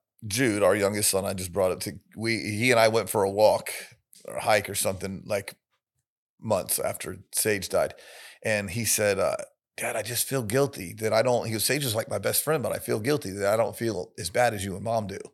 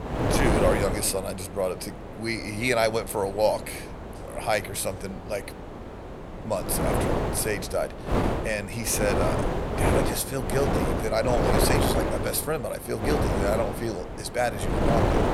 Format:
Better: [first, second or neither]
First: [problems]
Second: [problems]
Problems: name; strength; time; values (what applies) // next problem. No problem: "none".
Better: first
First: none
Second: wind noise on the microphone; heavy; as loud as the speech